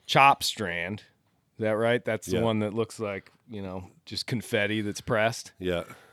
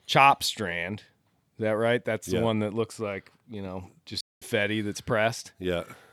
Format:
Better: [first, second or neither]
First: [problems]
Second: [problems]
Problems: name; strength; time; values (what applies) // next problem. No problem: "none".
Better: first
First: none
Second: audio cutting out; at 4 s